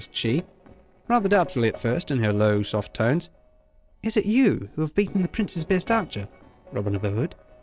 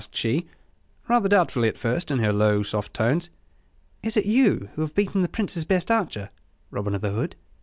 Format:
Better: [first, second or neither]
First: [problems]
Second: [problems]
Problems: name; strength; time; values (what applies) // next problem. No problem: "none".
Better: second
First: noise reduction (neural separator model SepFormer DNS4)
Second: none